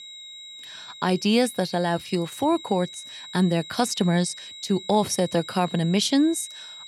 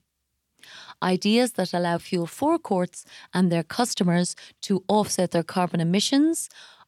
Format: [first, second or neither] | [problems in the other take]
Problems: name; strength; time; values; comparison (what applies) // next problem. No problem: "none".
second | high-pitched whine; noticeable; throughout; 4 kHz, 15 dB below the speech